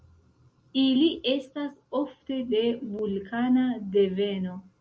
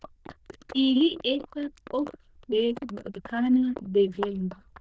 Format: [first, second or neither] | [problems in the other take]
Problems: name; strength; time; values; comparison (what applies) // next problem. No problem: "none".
first | noise reduction (neural diffusion model UNIVERSE++)